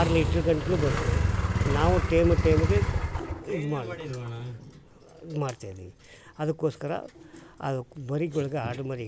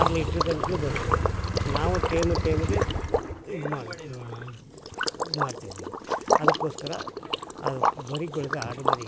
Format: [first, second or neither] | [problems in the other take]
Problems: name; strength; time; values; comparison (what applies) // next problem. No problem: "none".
first | background sound (Liquid); as loud as the speech